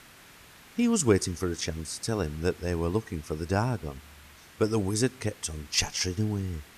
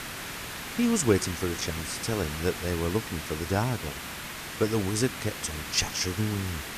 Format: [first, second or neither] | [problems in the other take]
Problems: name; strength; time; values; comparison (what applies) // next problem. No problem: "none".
first | hiss; loud; throughout; 6 dB below the speech; faint in the first